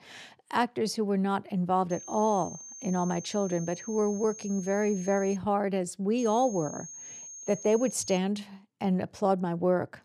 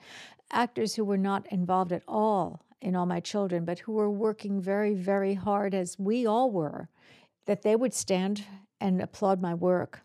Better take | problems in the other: second | high-pitched whine; noticeable; from 2 to 5.5 s and from 6 to 8 s; 6.5 kHz, 15 dB below the speech

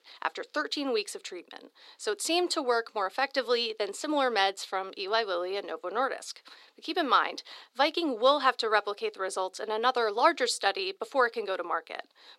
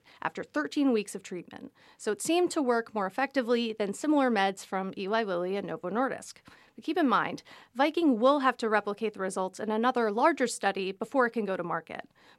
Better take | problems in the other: second | thin; somewhat; fading below 350 Hz

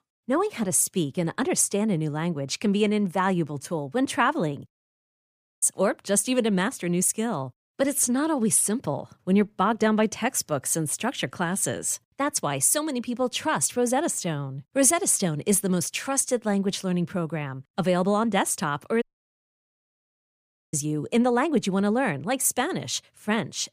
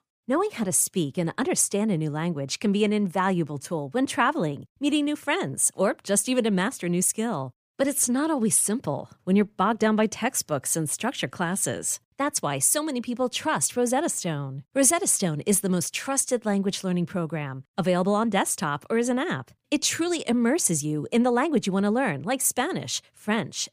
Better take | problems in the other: second | audio cutting out; at 4.5 s for 1 s and at 19 s for 1.5 s

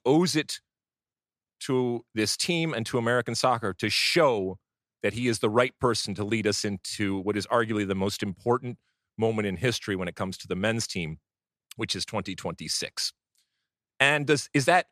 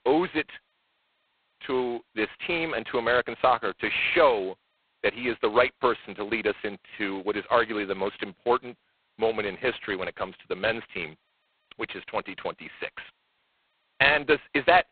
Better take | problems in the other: first | phone-call audio; poor line; nothing above 4 kHz

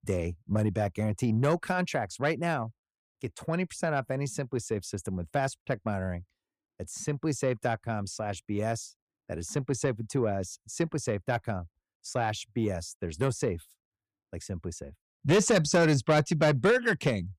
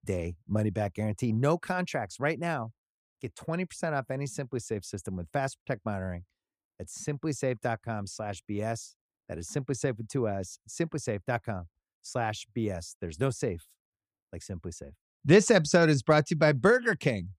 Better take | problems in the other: second | distortion; slight; 10 dB below the speech

